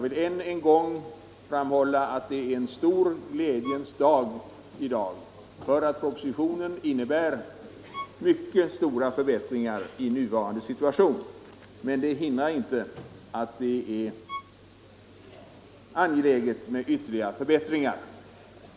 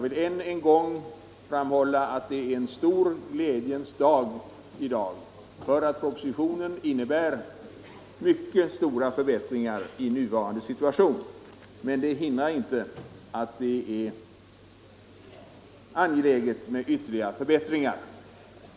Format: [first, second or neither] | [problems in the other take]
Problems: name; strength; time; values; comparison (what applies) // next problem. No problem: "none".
second | background sound (Bowed string instrument); 18 dB below the speech